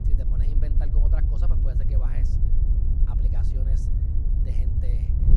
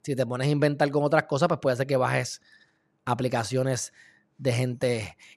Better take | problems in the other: second | wind noise on the microphone; heavy; 3 dB above the speech

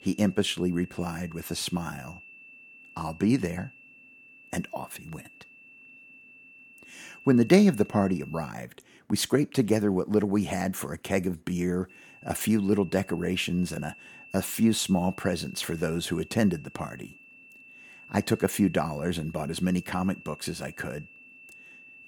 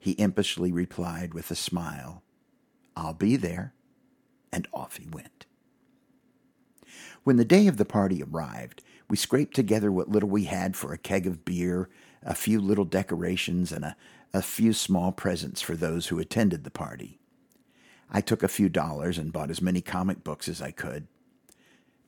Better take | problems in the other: second | high-pitched whine; faint; until 8.5 s and from 12 s on; 2.5 kHz, 20 dB below the speech

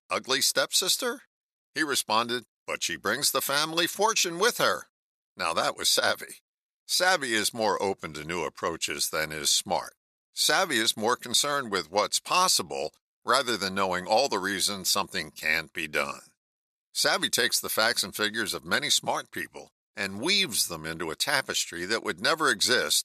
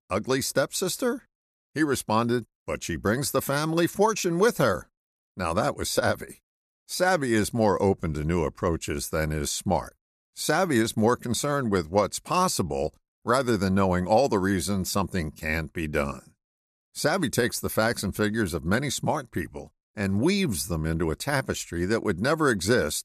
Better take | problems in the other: second | thin; somewhat; fading below 1 kHz

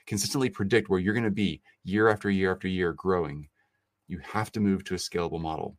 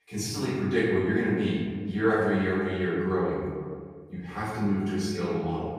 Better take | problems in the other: first | off-mic speech; far // room echo; strong; dies away in 1.8 s

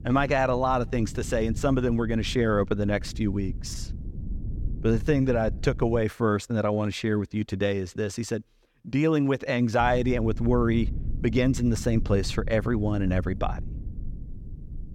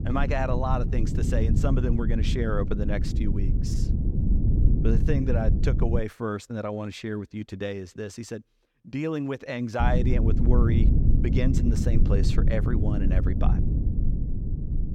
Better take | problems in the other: first | low rumble; loud; until 6 s and from 10 s on; 5 dB below the speech; faint in the first

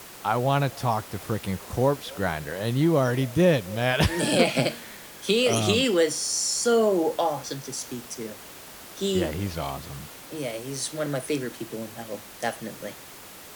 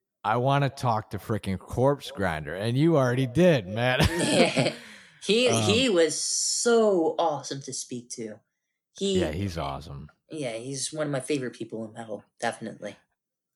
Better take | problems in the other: second | hiss; noticeable; throughout; 15 dB below the speech

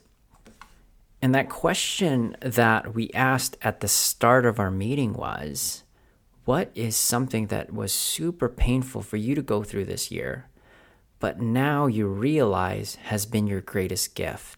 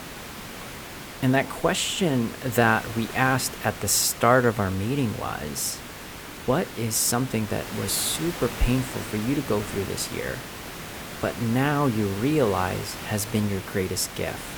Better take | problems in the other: first | hiss; noticeable; throughout; 10 dB below the speech

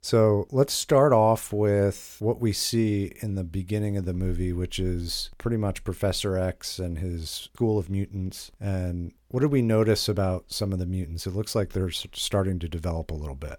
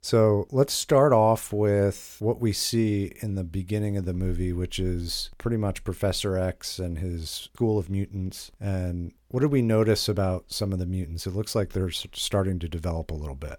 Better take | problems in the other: neither | none

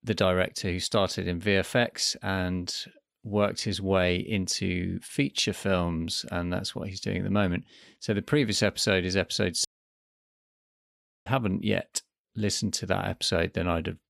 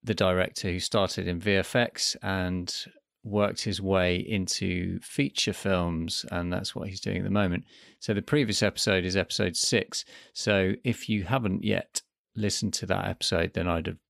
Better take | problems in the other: second | audio cutting out; at 9.5 s for 1.5 s

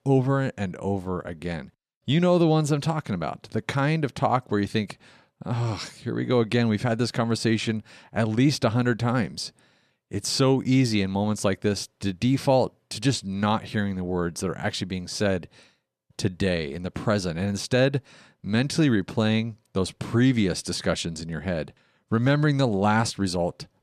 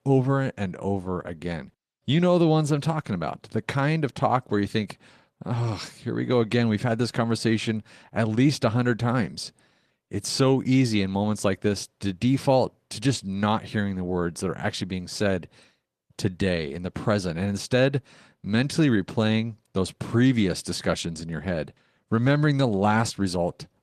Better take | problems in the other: first | garbled, watery; slightly; nothing above 13.5 kHz

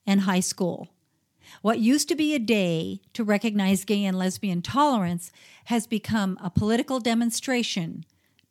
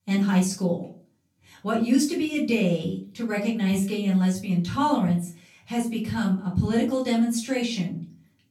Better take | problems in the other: first | off-mic speech; far // room echo; slight; dies away in 0.3 s

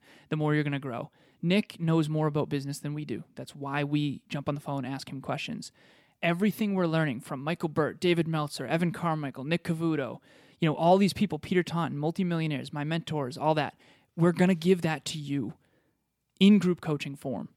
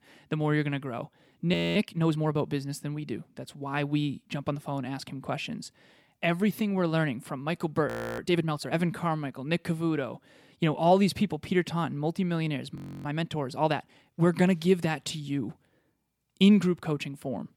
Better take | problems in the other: first | audio freezing; at 1.5 s, at 8 s and at 13 s

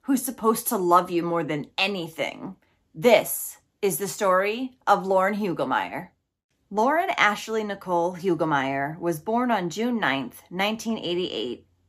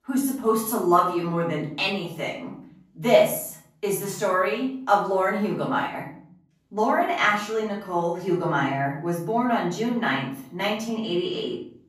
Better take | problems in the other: first | off-mic speech; far // room echo; slight; dies away in 0.5 s

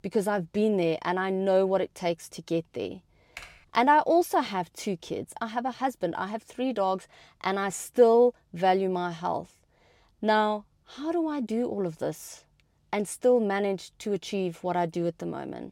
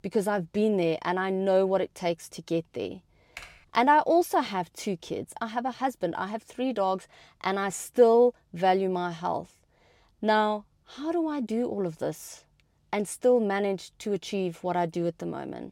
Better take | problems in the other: neither | keyboard typing; faint; at 3.5 s; peak 15 dB below the speech; the same in both

